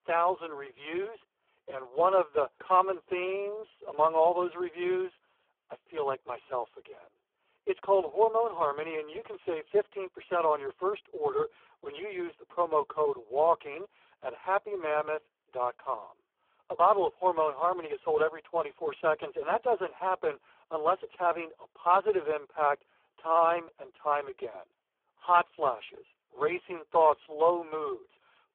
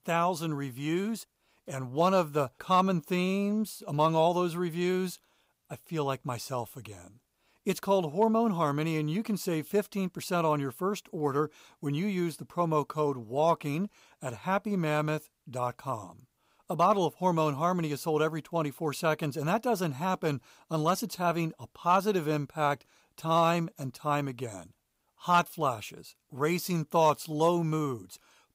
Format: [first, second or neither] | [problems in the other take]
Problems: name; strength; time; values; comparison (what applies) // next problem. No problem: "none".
second | phone-call audio; poor line